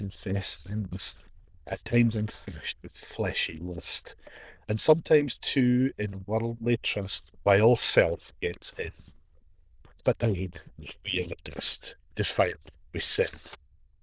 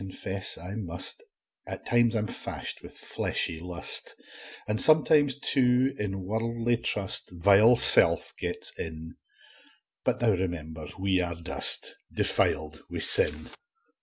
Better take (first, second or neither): second